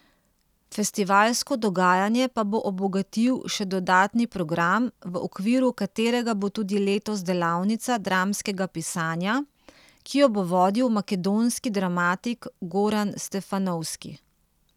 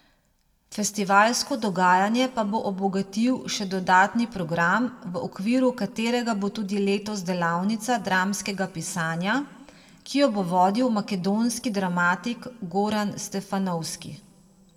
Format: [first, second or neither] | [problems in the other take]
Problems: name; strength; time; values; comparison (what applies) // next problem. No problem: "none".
first | room echo; dies away in 1.5 s